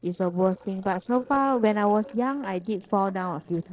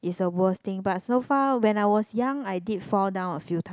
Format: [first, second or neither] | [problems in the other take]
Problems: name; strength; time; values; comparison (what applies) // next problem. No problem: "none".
second | noise reduction (neural separator model SepFormer DNS4)